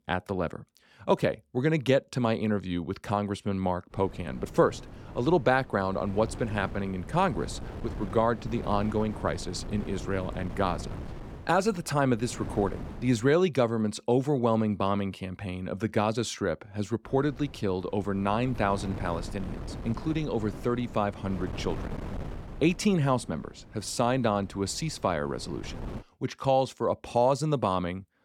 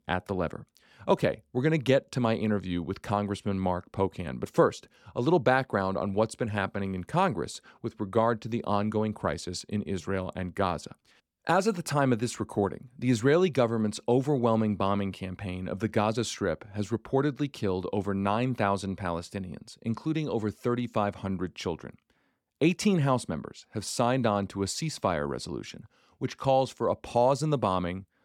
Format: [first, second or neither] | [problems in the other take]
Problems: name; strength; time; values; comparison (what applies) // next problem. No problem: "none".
second | wind noise on the microphone; occasional gusts; from 4 to 13 s and from 17 to 26 s; 15 dB below the speech